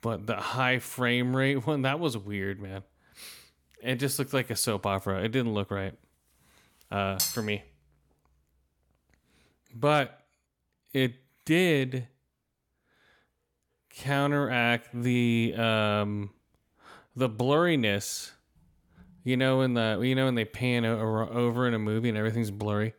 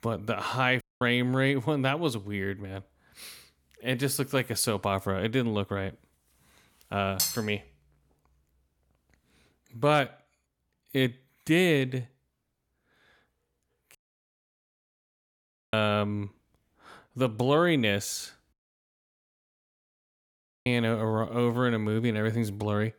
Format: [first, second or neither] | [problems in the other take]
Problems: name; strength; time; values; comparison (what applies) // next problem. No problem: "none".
first | audio cutting out; at 1 s, at 14 s for 2 s and at 19 s for 2 s